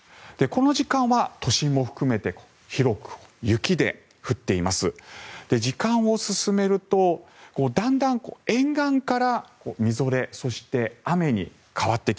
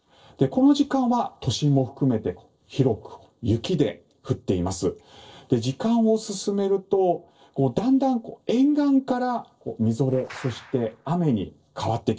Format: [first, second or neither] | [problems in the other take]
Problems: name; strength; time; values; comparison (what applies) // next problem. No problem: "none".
first | noise reduction (neural separator model SepFormer DNS4)